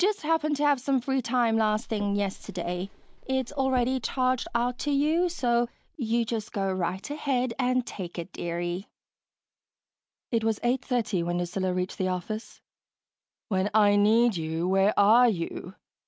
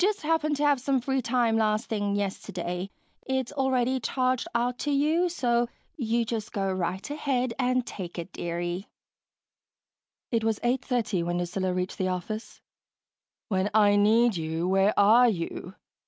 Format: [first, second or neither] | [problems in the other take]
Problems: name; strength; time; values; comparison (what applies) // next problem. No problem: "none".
second | background sound (Drawer open or close); 16 dB below the speech